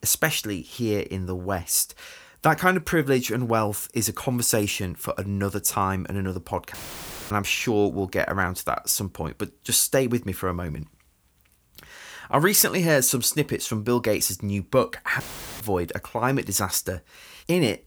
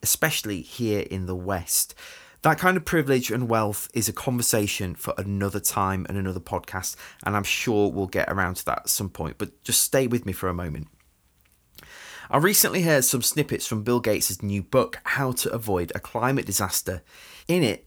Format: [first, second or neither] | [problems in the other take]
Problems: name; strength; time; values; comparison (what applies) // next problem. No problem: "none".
second | audio cutting out; filled with static; at 6.5 s for 0.5 s and at 15 s